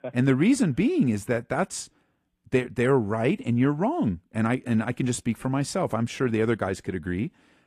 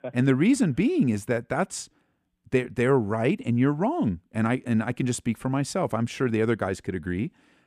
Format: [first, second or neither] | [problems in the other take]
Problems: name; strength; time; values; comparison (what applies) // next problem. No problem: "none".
second | garbled, watery; slightly; nothing above 14.5 kHz